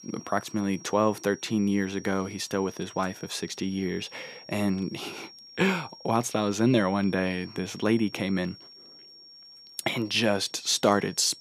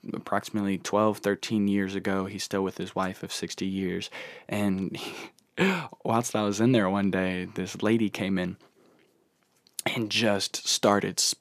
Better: second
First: high-pitched whine; noticeable; throughout; 5.5 kHz, 20 dB below the speech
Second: none

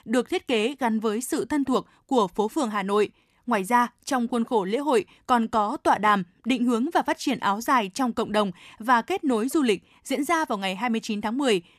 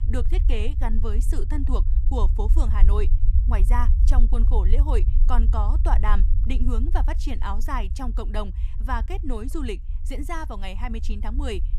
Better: first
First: none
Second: low rumble; noticeable; throughout; 10 dB below the speech

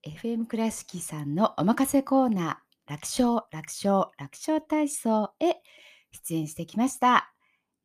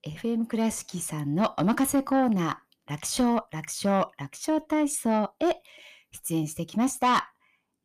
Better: first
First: none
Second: distortion; slight; 10 dB below the speech

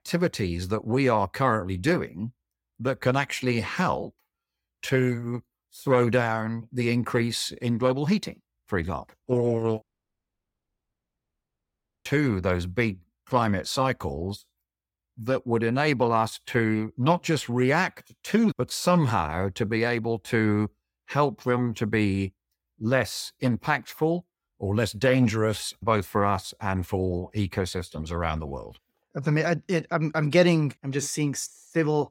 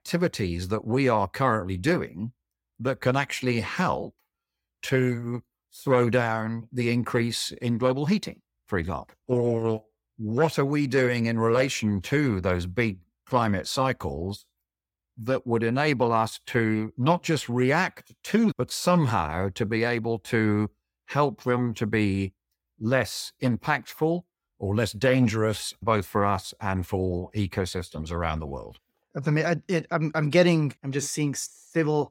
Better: second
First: audio cutting out; at 10 s for 2 s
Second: none

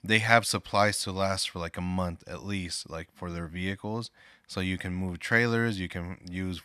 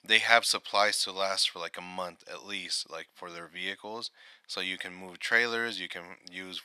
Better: first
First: none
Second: thin; very; fading below 450 Hz

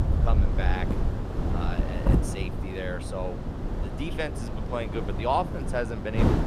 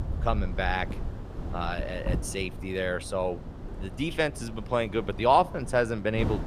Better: second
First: wind noise on the microphone; heavy; 5 dB below the speech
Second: wind noise on the microphone; occasional gusts; 15 dB below the speech

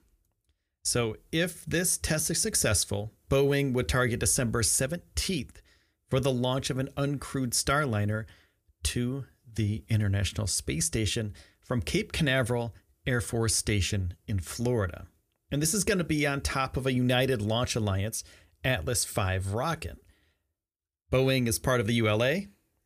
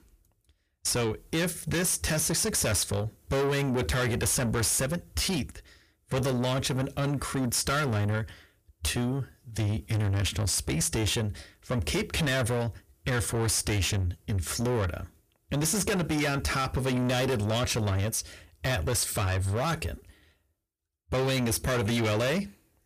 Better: first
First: none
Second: distortion; heavy; 7 dB below the speech

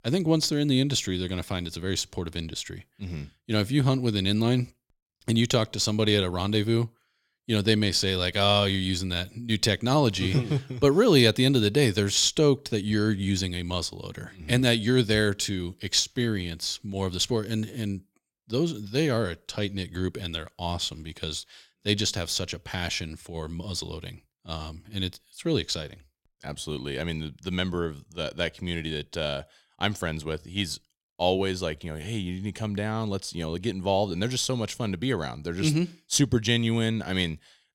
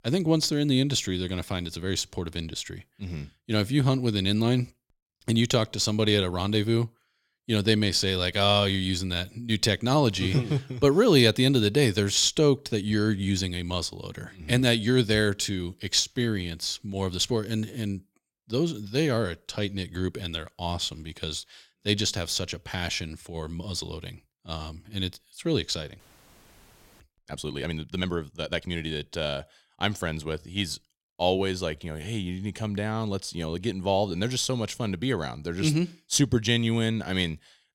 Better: first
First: none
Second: audio freezing; at 26 s for 1 s

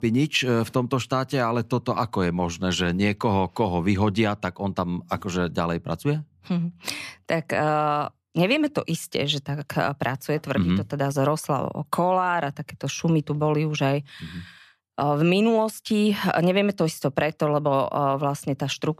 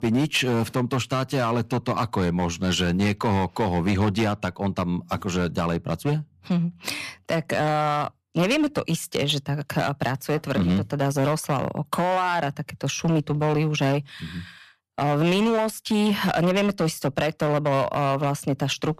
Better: first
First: none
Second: distortion; slight; 10% of the sound clipped

